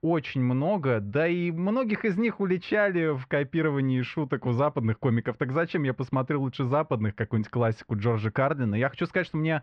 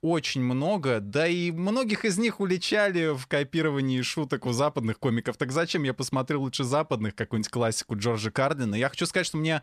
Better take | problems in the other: second | muffled; very; fading above 2.5 kHz

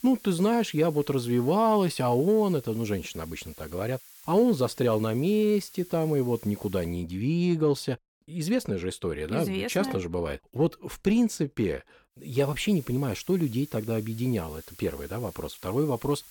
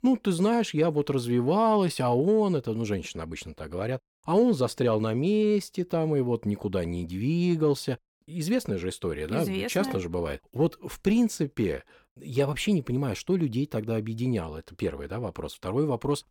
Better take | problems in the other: second | hiss; noticeable; until 7 s and from 12 s on; 20 dB below the speech

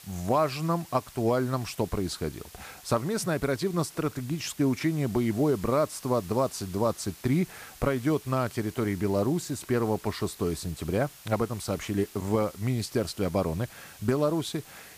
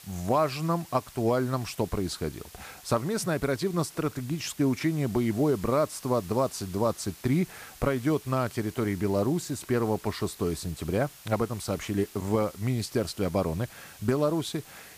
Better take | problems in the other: neither | hiss; noticeable; throughout; 20 dB below the speech; the same in both

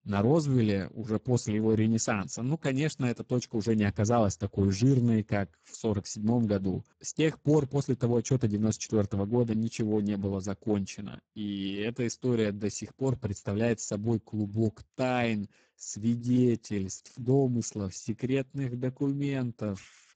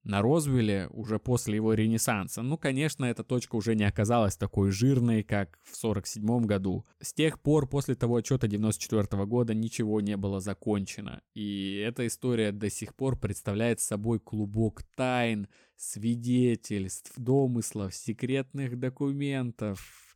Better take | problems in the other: second | garbled, watery; badly; nothing above 7.5 kHz

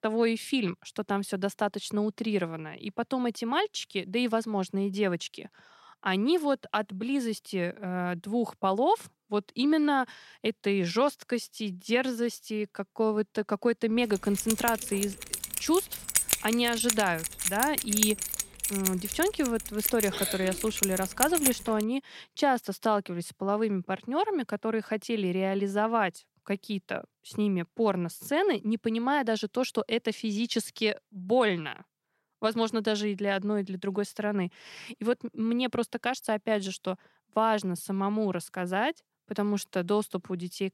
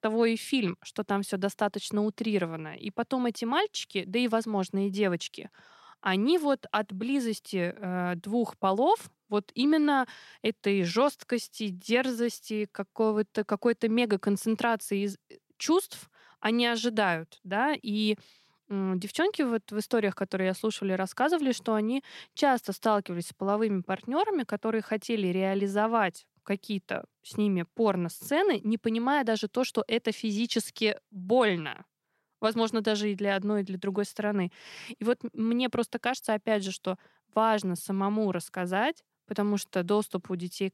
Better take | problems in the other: second | jangling keys; loud; from 14 to 22 s; peak 5 dB above the speech

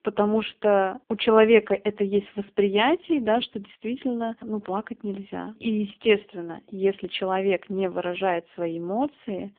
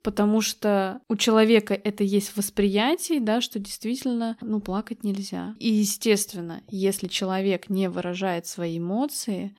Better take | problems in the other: second | phone-call audio; poor line

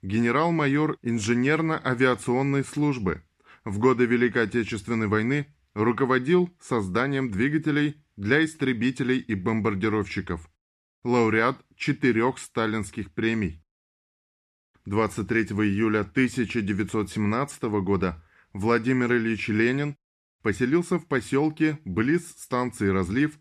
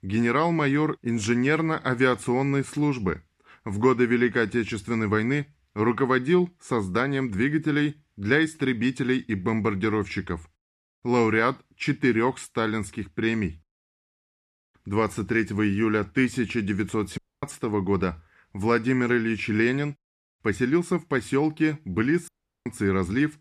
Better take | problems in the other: first | audio cutting out; at 17 s and at 22 s

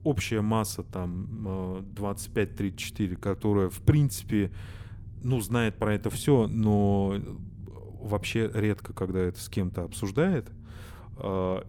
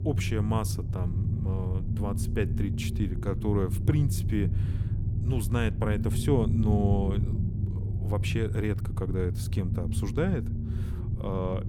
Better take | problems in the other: first | low rumble; loud; throughout; 7 dB below the speech; faint in the first

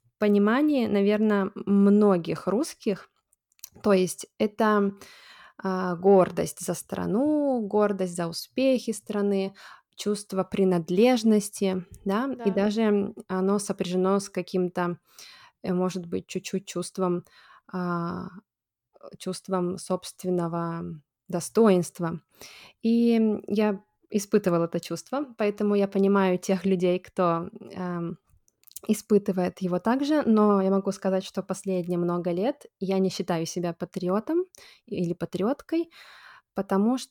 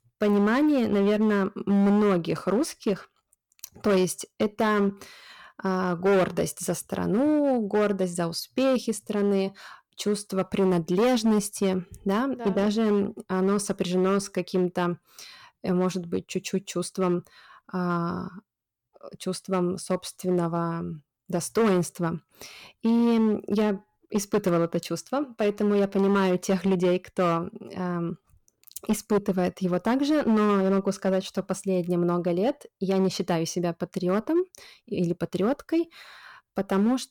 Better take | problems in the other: first | distortion; slight; 7% of the sound clipped

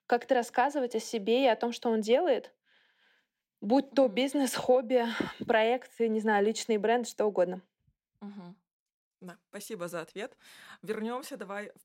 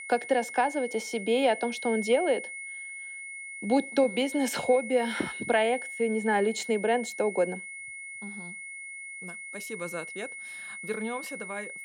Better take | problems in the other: first | high-pitched whine; loud; throughout; 2 kHz, 10 dB below the speech

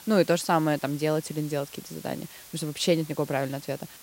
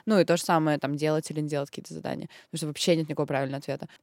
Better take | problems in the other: second | hiss; noticeable; throughout; 15 dB below the speech

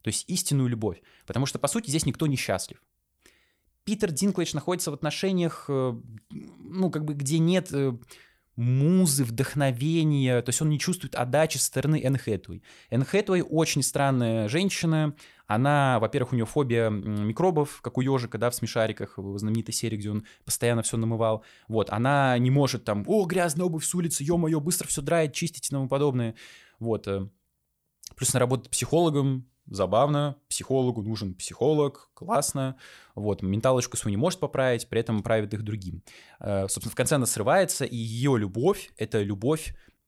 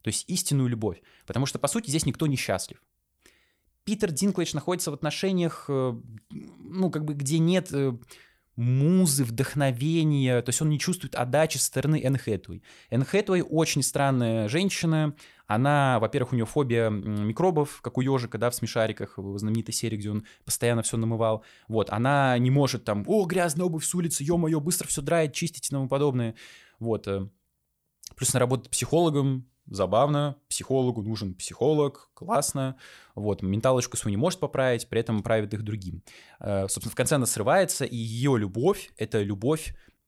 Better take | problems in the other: neither | none

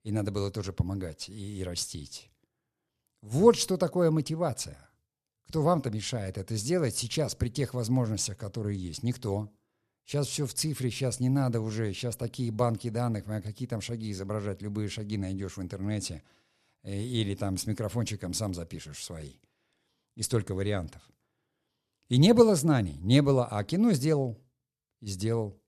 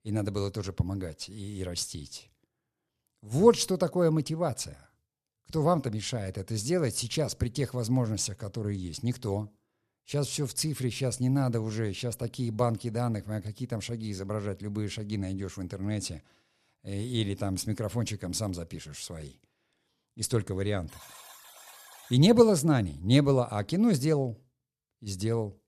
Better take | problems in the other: first | alarm; faint; from 21 to 22 s; peak 20 dB below the speech

